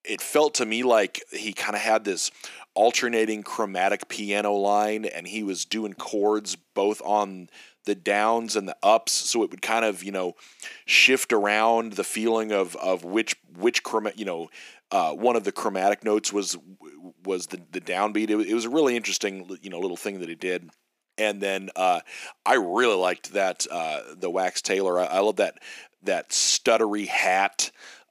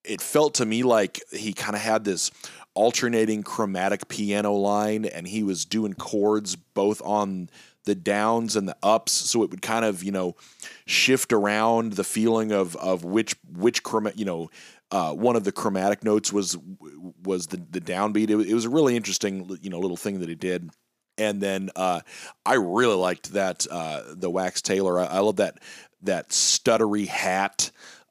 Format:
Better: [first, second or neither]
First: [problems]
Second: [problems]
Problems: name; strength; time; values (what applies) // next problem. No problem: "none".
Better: second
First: thin; very slightly; fading below 300 Hz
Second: none